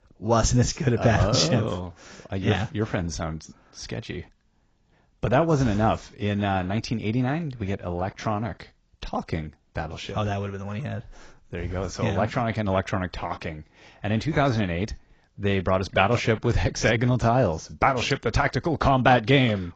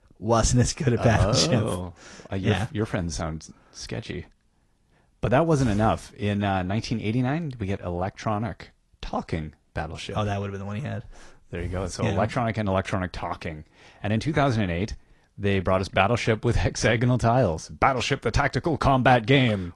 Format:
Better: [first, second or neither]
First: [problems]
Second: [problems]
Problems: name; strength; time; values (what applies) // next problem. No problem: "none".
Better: second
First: garbled, watery; badly; nothing above 7.5 kHz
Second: garbled, watery; slightly